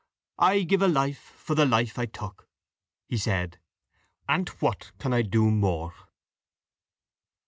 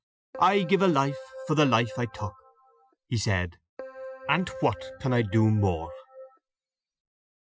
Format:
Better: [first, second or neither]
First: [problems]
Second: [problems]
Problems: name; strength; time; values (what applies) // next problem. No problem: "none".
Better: first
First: none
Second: noise reduction (classical method Wiener filter)